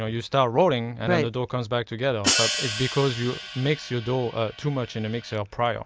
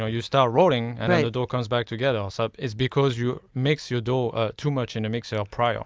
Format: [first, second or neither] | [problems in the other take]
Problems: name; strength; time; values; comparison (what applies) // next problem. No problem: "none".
second | background sound (Hi-hat); 5 dB below the speech